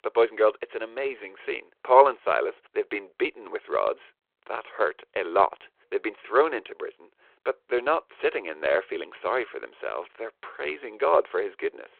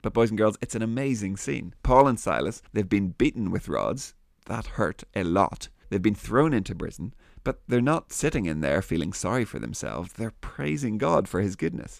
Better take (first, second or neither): second